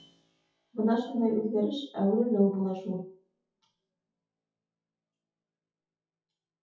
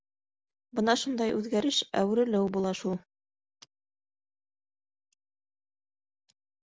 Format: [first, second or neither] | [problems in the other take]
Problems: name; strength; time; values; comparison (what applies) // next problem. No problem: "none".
second | noise reduction (classical method WPE with log-MMSE)